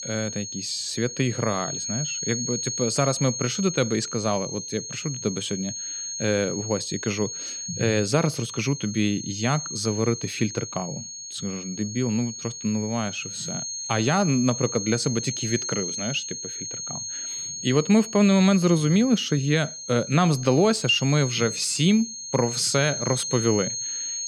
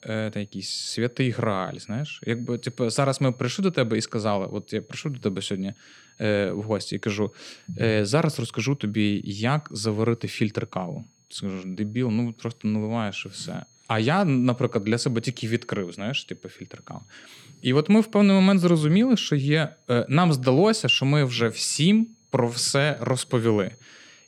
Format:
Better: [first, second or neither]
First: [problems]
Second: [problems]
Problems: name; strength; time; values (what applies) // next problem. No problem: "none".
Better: second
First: high-pitched whine; loud; throughout; 6.5 kHz, 6 dB below the speech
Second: high-pitched whine; faint; throughout; 6.5 kHz, 35 dB below the speech